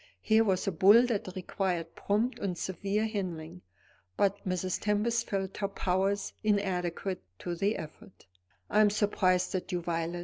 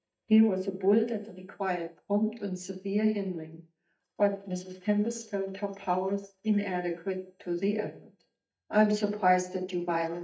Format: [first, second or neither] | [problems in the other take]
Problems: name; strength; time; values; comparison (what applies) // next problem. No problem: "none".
first | noise reduction (neural mask model DeepFilterNet 3)